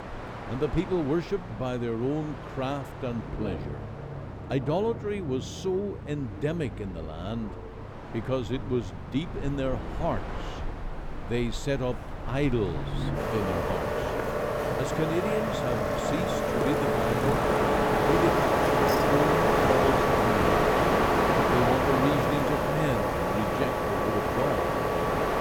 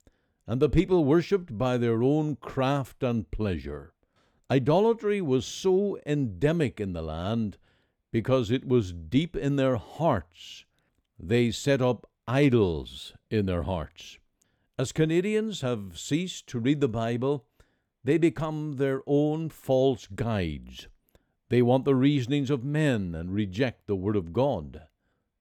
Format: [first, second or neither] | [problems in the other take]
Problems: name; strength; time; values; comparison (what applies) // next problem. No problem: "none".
second | train or aircraft noise; very loud; throughout; 5 dB above the speech